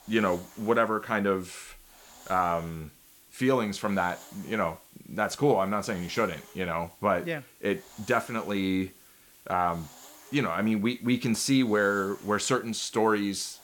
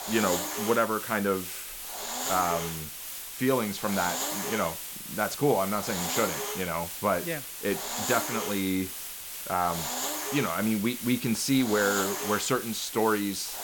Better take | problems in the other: first | hiss; loud; throughout; 4 dB below the speech; faint in the first

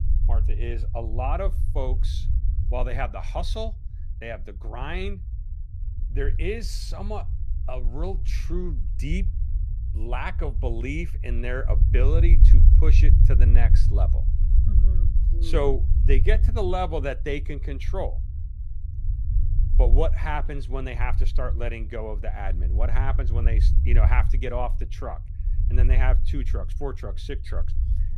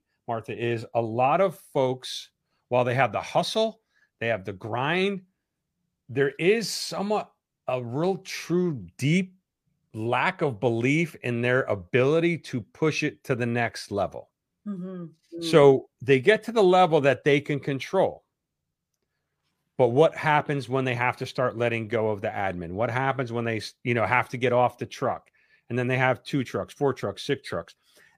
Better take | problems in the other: second | low rumble; noticeable; throughout; 10 dB below the speech

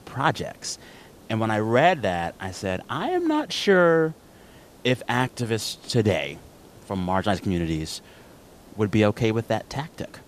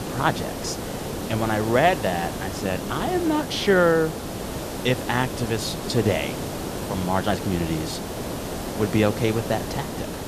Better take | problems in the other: first | hiss; loud; throughout; 6 dB below the speech; faint in the first

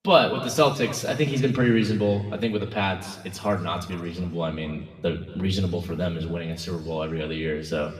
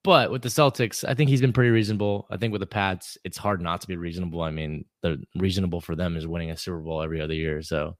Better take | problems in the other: second | room echo; slight; dies away in 1.5 s // off-mic speech; somewhat distant

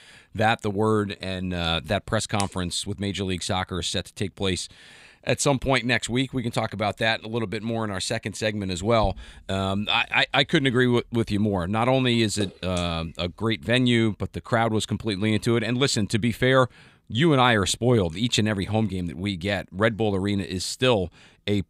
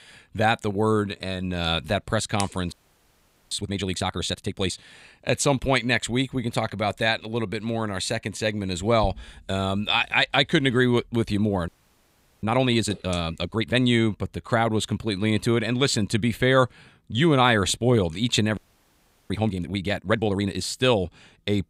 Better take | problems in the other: first | audio freezing; at 2.5 s for 1 s, at 12 s for 1 s and at 19 s for 0.5 s

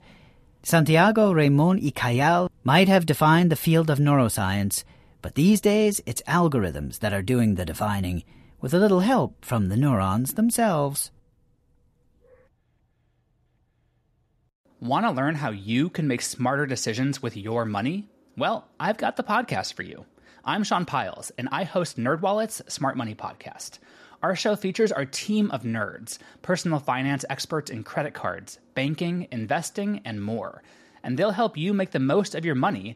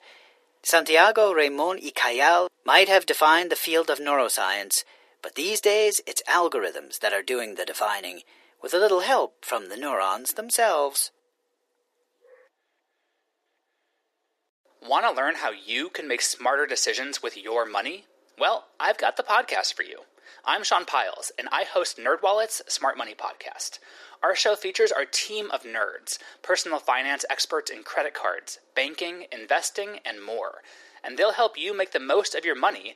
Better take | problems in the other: first | thin; very; fading below 350 Hz

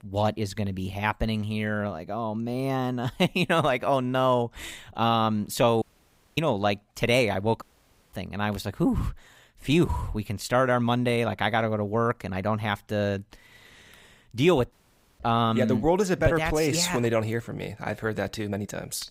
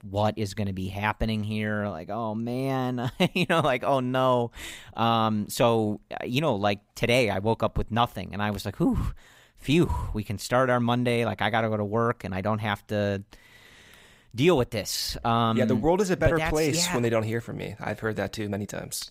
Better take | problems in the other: second | audio cutting out; at 6 s for 0.5 s, at 7.5 s for 0.5 s and at 15 s

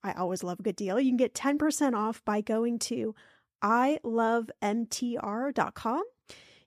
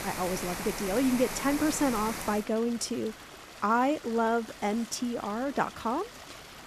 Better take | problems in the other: first | rain or running water; loud; throughout; 10 dB below the speech

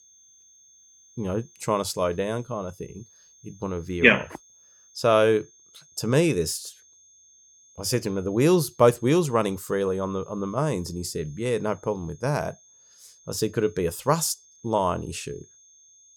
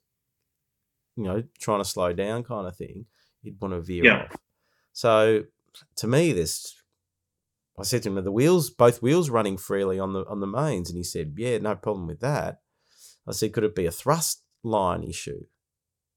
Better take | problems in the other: second | high-pitched whine; faint; throughout; 6.5 kHz, 30 dB below the speech

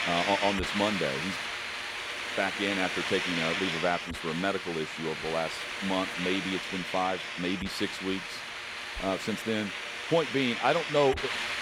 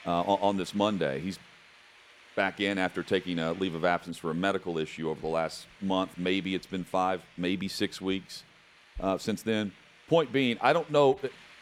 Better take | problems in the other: second | hiss; loud; throughout; 2 dB below the speech; faint in the second

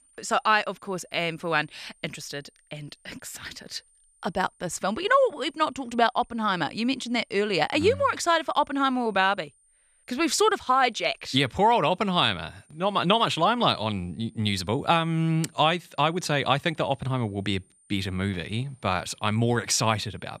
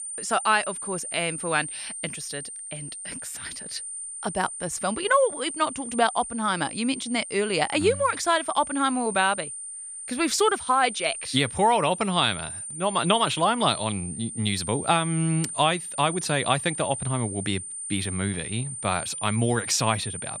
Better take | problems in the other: first | high-pitched whine; loud; throughout; 9 kHz, 8 dB below the speech; faint in the first

